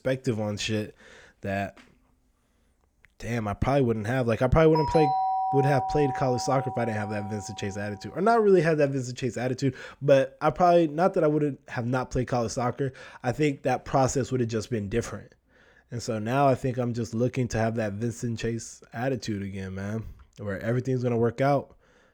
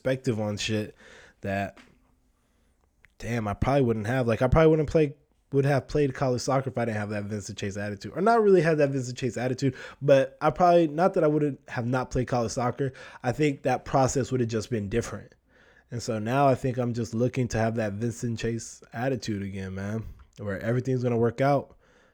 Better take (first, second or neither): second